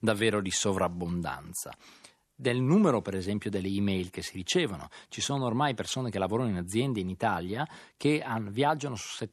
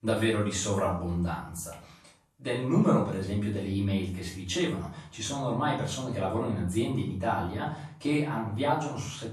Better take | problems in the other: first | room echo; noticeable; dies away in 0.5 s // off-mic speech; far

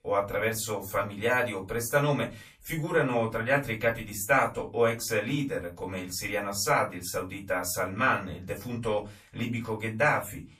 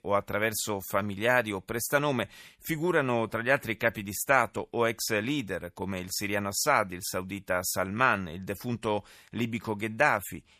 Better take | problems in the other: second | off-mic speech; far // room echo; very slight; dies away in 0.2 s

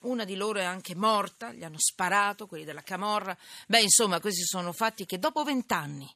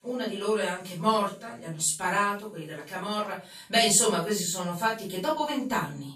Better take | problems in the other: first | room echo; noticeable; dies away in 0.3 s // off-mic speech; far

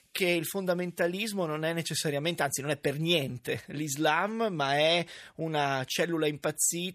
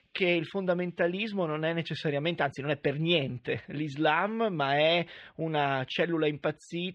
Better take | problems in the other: first | muffled; very; fading above 3 kHz

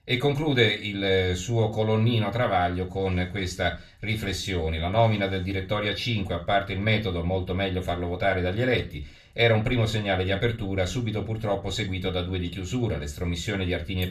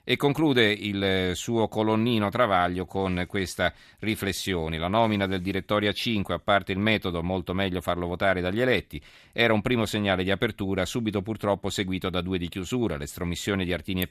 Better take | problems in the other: second | room echo; very slight; dies away in 0.3 s // off-mic speech; far

